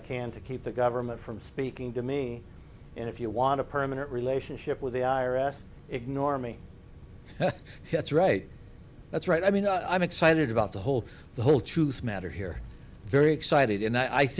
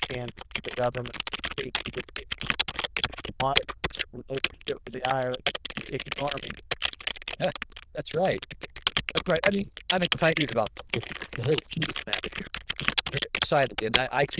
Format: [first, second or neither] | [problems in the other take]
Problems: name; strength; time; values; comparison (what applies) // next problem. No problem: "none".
first | noise reduction (neural diffusion model UNIVERSE++)